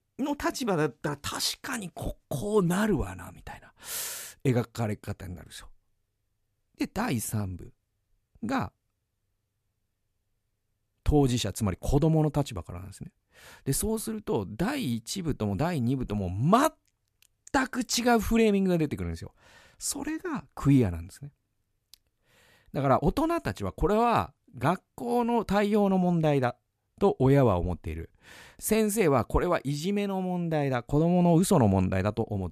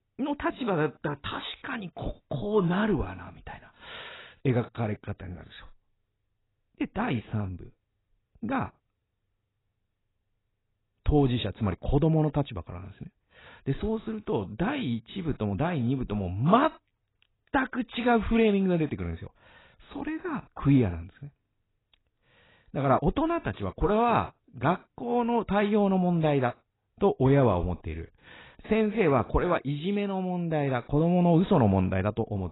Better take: first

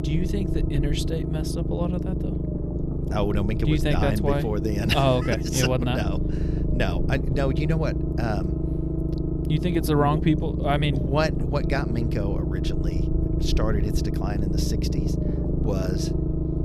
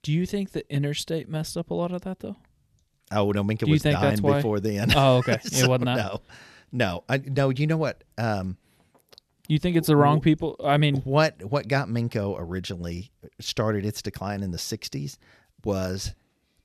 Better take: second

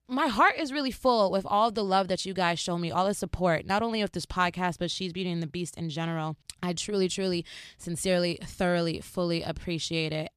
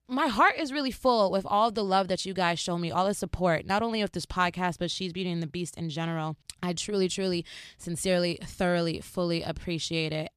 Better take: neither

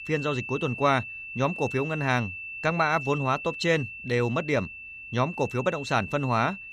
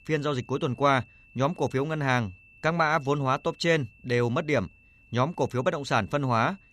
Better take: second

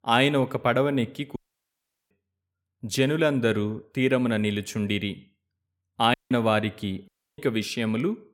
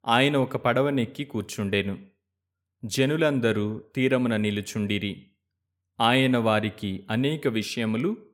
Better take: second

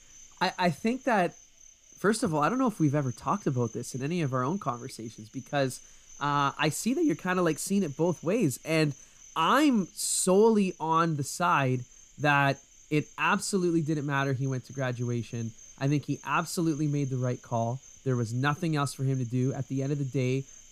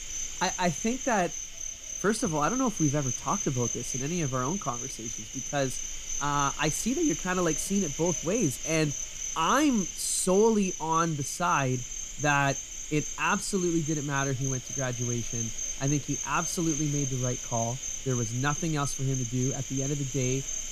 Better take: first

